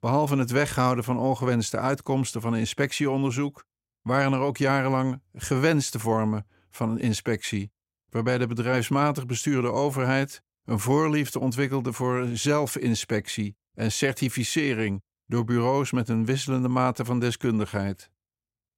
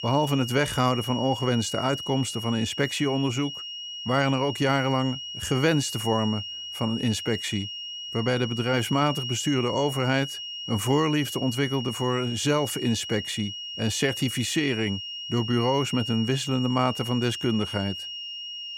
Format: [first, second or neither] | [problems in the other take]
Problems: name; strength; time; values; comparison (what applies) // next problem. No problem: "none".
first | high-pitched whine; loud; throughout; 3 kHz, 7 dB below the speech